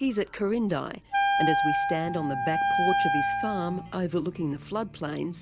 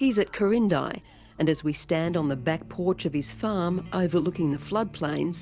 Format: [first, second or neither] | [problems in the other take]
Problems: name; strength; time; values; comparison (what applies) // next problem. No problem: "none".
second | background sound (Wind instrument, woodwind instrument); 3 dB above the speech